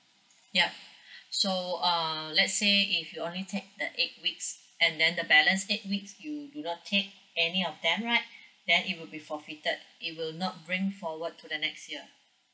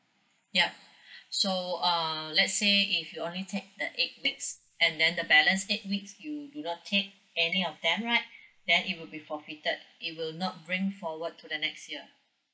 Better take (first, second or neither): first